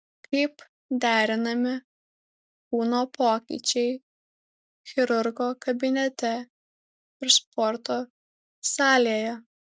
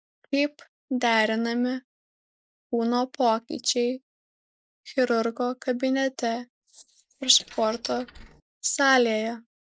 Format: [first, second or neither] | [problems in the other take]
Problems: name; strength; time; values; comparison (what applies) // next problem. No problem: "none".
first | noise reduction (neural mask model Resemble Enhance denoiser)